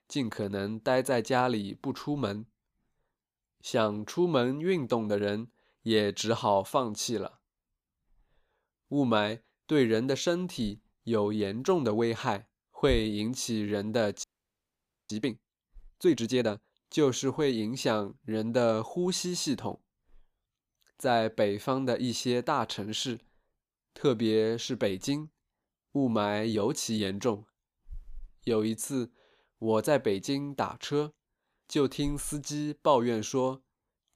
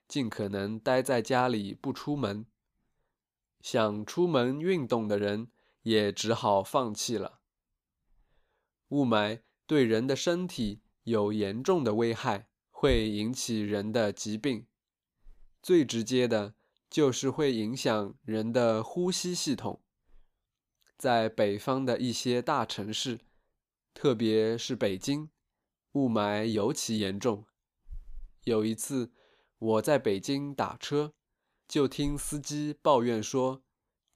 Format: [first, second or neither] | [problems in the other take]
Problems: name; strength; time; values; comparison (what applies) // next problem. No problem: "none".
second | audio freezing; at 14 s for 1 s